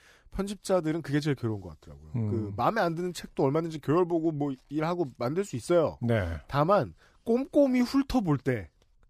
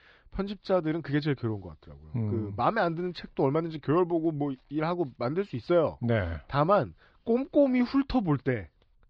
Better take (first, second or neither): first